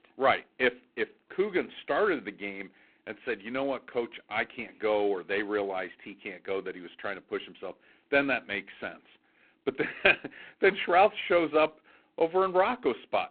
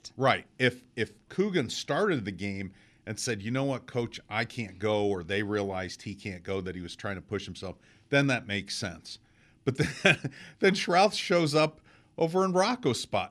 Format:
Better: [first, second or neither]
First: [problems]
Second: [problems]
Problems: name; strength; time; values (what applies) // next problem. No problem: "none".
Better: second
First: phone-call audio; poor line; nothing above 4 kHz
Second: none